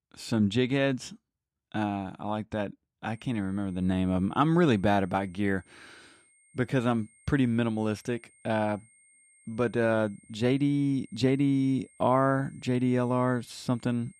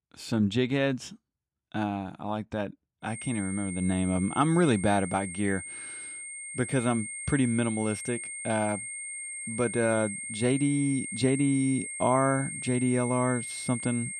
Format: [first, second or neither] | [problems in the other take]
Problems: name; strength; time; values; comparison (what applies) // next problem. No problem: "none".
first | high-pitched whine; loud; from 3 s on; 8.5 kHz, 7 dB below the speech; faint in the first